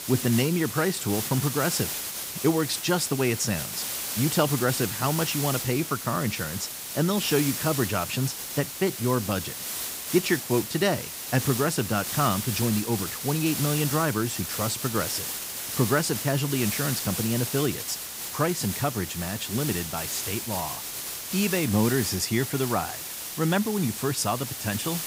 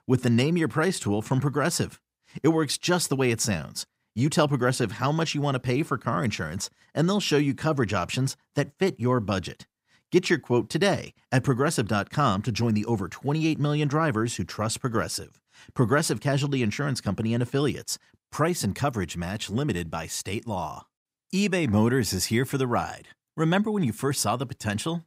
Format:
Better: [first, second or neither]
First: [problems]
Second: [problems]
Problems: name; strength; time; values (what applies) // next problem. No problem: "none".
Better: second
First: hiss; loud; throughout; 4 dB below the speech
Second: none